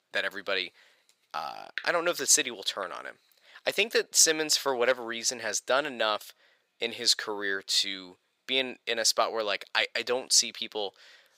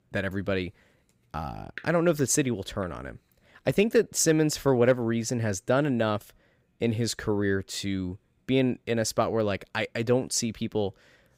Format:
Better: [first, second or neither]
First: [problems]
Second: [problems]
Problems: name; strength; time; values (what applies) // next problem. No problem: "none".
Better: second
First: thin; very; fading below 700 Hz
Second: none